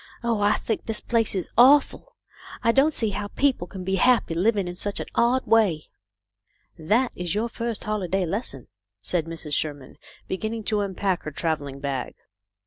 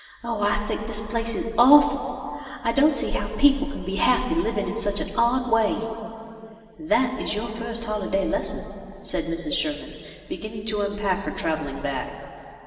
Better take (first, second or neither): first